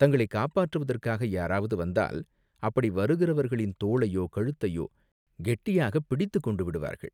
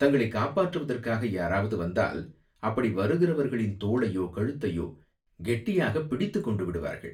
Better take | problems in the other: first | room echo; dies away in 0.3 s

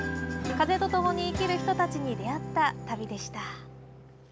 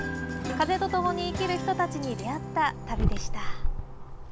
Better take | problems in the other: first | background sound (Keys jangling); 2 dB below the speech

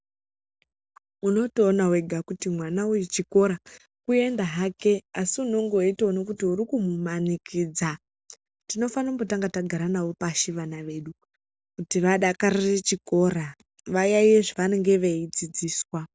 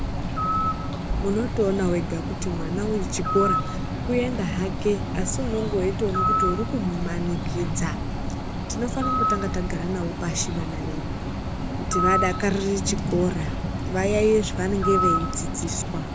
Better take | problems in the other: first | background sound (Bird); 1 dB above the speech

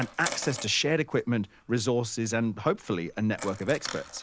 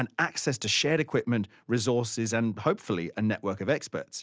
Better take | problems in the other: second | background sound (Coin (dropping)); 14 dB below the speech

